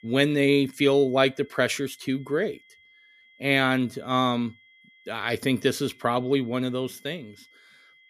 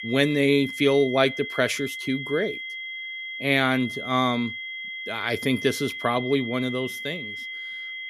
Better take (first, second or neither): first